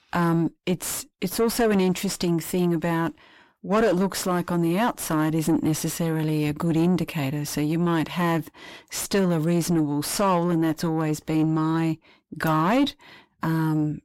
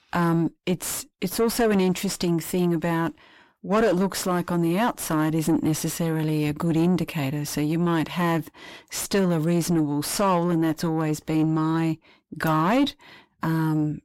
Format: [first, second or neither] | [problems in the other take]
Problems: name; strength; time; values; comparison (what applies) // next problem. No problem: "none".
neither | distortion; slight; 8 dB below the speech; the same in both